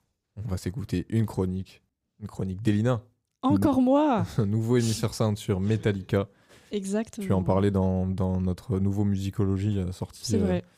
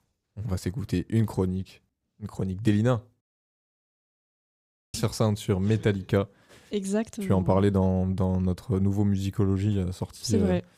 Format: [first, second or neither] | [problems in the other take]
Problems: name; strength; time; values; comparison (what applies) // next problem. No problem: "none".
first | audio cutting out; at 3 s for 1.5 s